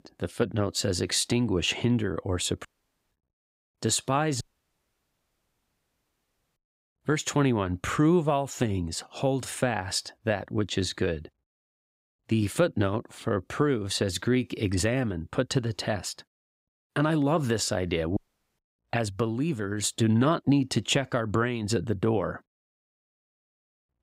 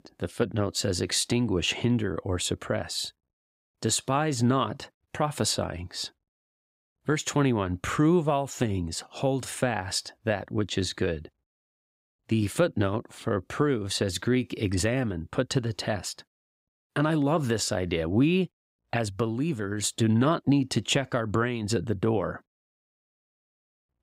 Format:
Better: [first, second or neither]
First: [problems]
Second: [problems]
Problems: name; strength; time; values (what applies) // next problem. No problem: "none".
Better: second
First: audio cutting out; at 2.5 s, at 4.5 s for 2 s and at 18 s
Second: none